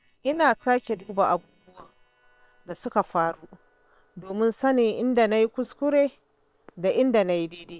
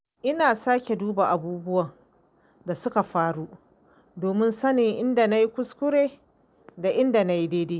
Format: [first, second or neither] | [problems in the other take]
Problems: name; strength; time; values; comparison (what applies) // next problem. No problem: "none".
second | noise reduction (neural separator model SepFormer WHAM!)